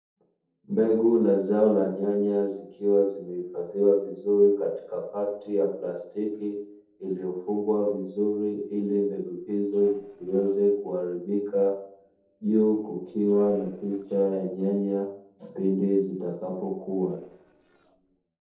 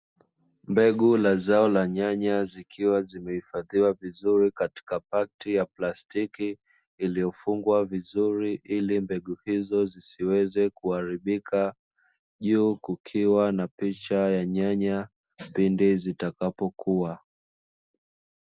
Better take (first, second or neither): second